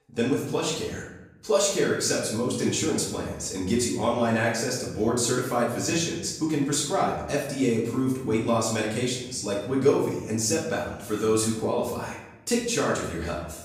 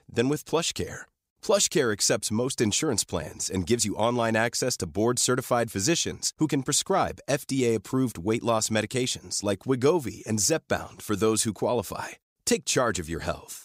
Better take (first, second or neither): second